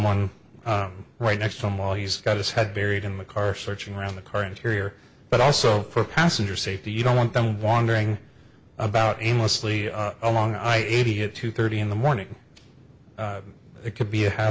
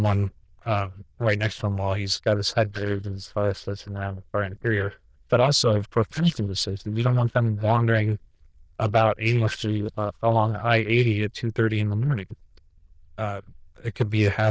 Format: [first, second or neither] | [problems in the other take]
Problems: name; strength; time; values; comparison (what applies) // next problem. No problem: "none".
first | noise reduction (neural diffusion model UNIVERSE++)